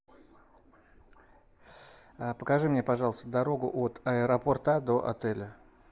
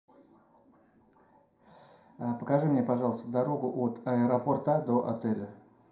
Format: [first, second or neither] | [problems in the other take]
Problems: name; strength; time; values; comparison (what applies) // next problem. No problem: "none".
first | room echo; dies away in 0.4 s